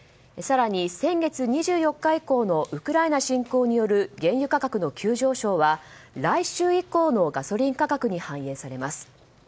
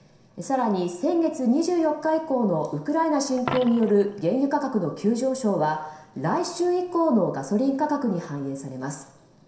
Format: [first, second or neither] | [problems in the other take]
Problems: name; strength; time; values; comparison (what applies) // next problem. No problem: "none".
first | background sound (Coin (dropping)); 20 dB below the speech // room echo; dies away in 0.7 s